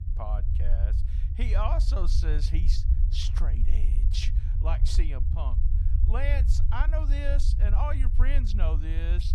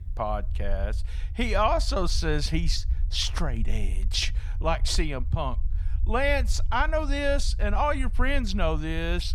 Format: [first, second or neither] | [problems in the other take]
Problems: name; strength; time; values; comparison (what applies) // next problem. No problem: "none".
second | low rumble; loud; throughout; 9 dB below the speech; faint in the second